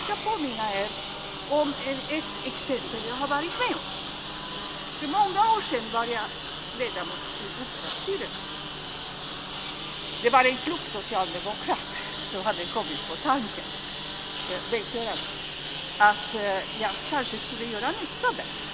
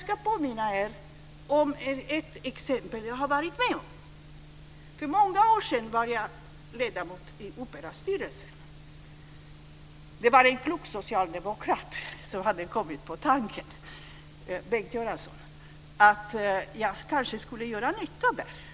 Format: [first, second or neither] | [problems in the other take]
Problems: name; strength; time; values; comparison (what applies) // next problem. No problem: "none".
second | background sound (Engine); 6 dB below the speech